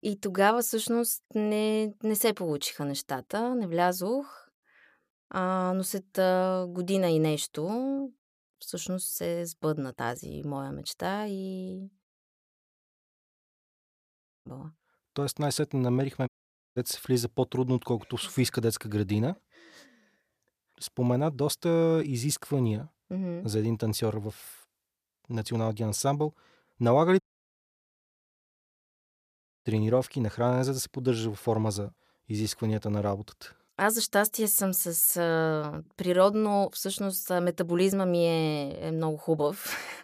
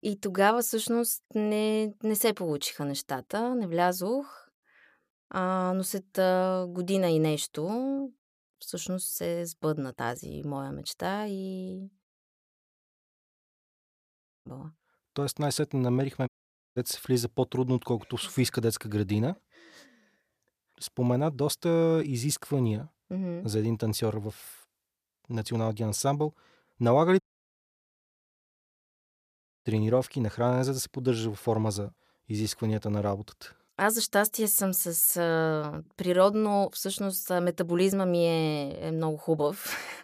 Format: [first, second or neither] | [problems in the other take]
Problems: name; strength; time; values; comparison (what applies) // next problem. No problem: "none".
neither | audio cutting out; at 12 s for 2.5 s, at 16 s and at 27 s for 2.5 s; the same in both